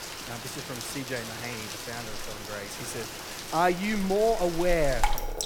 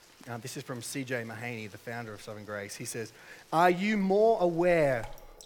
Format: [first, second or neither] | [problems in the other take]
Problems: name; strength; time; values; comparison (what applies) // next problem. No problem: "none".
second | rain or running water; loud; throughout; 6 dB below the speech; faint in the second